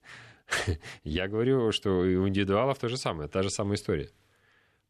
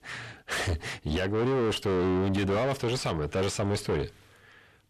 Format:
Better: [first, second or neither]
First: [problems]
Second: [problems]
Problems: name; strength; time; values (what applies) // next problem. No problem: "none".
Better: first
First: none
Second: distortion; heavy; 6 dB below the speech